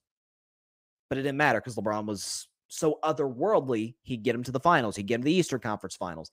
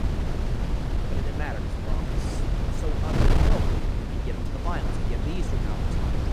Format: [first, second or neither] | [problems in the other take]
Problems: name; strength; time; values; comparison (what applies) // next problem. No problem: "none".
first | wind noise on the microphone; heavy; 4 dB above the speech